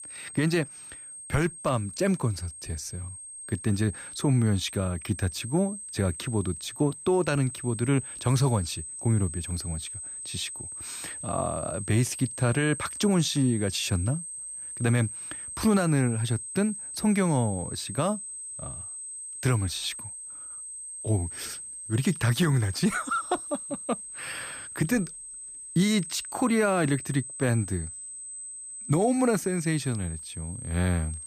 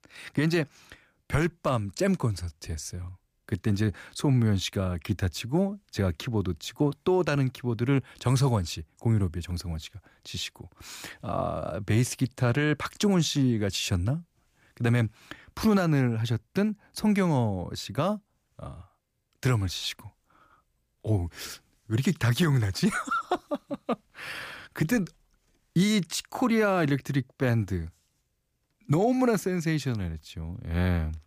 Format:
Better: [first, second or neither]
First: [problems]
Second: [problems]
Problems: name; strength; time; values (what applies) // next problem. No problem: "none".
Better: second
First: high-pitched whine; loud; throughout; 8.5 kHz, 9 dB below the speech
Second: none